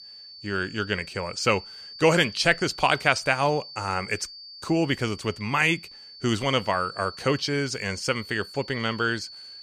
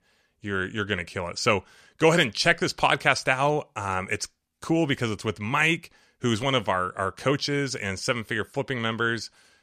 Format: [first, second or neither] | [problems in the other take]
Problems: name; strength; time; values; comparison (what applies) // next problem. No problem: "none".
second | high-pitched whine; noticeable; throughout; 4.5 kHz, 15 dB below the speech